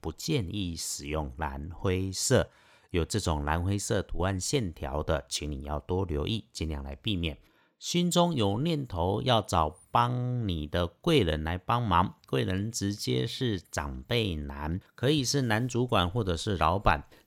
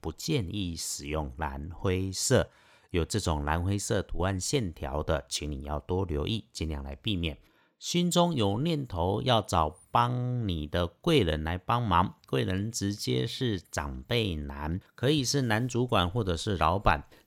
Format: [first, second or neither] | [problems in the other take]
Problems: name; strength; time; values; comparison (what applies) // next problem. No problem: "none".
neither | none